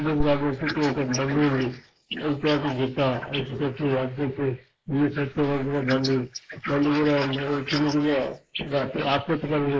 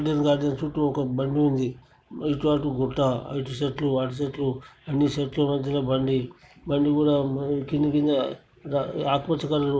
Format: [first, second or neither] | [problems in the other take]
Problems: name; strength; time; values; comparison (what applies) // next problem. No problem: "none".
second | noise reduction (neural mask model Resemble Enhance denoiser)